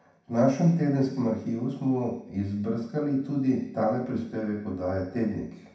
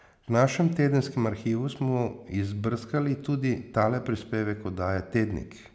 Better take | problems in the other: second | room echo; dies away in 0.6 s

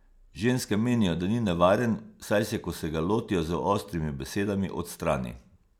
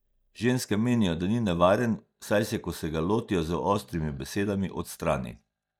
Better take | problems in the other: first | noise reduction (neural mask model DeepFilterNet 3)

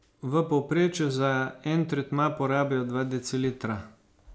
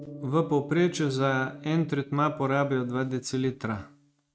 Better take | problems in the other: first | noise reduction (neural mask model RNNoise)

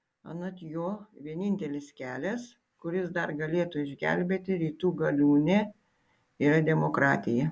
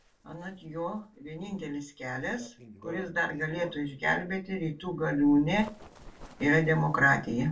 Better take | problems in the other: first | noise reduction (neural separator model SepFormer DNS4)

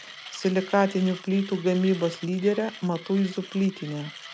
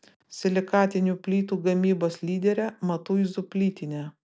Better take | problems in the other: second | background sound (Mechanisms); 17 dB below the speech

